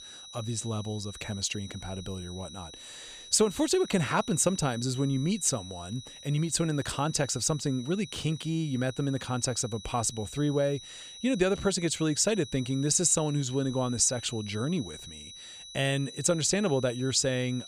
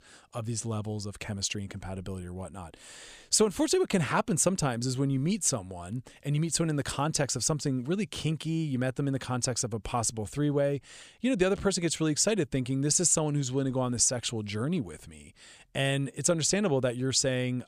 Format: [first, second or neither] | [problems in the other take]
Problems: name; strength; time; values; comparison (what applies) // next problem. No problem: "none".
second | high-pitched whine; noticeable; throughout; 4 kHz, 15 dB below the speech